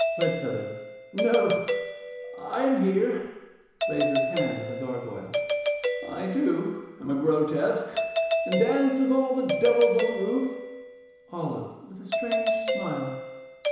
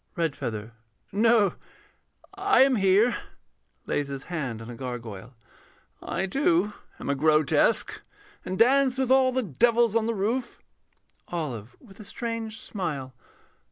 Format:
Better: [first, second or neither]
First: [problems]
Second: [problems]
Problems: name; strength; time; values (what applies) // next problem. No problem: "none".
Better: second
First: background sound (Doorbell); 3 dB below the speech // room echo; dies away in 1 s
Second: none